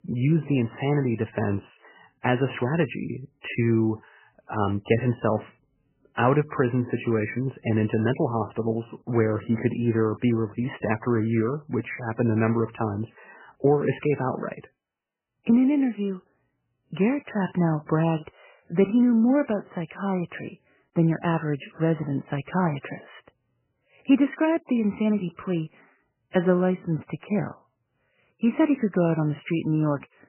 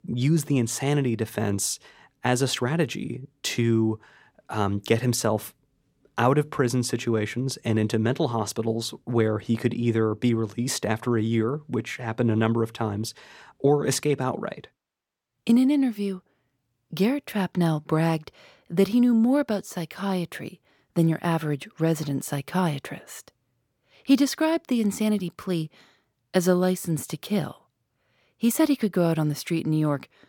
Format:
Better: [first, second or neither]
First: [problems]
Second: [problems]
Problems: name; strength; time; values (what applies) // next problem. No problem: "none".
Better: second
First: garbled, watery; badly; nothing above 3 kHz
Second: none